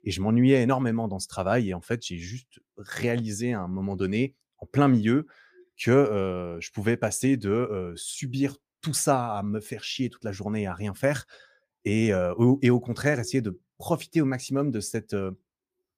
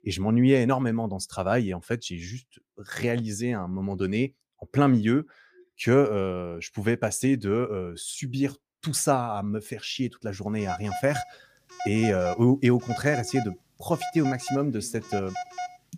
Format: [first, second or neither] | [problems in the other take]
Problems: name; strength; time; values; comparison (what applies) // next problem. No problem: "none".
first | phone ringing; noticeable; from 11 s on; peak 8 dB below the speech